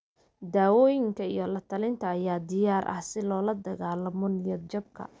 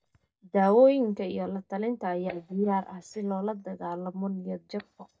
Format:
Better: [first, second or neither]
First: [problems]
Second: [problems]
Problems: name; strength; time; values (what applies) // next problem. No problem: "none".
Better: first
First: none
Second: noise reduction (neural mask model DeepFilterNet 3)